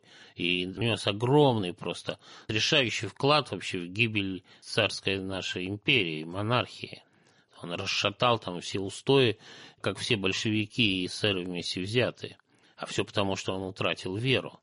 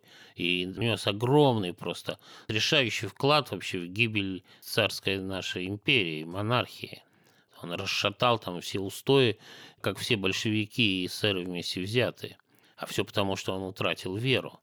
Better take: second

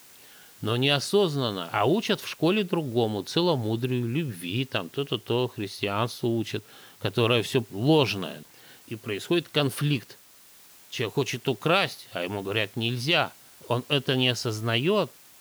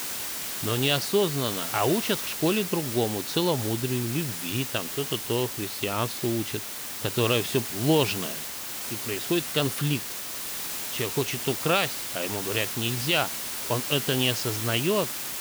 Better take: first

